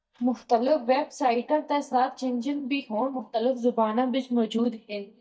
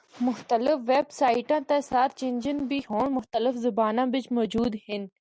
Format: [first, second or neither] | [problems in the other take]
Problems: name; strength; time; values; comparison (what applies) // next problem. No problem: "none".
second | noise reduction (neural mask model DeepFilterNet 3)